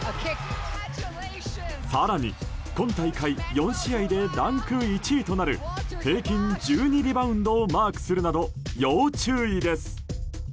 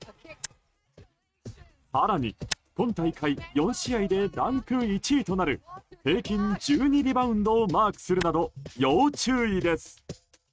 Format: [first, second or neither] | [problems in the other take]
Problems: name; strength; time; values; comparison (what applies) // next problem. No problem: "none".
first | noise reduction (neural mask model RNNoise)